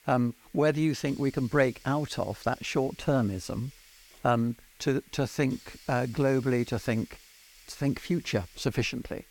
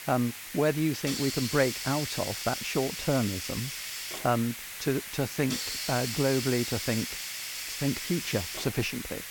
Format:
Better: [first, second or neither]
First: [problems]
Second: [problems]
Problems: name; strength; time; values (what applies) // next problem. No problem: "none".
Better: first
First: hiss; faint; throughout; 25 dB below the speech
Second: hiss; loud; throughout; 4 dB below the speech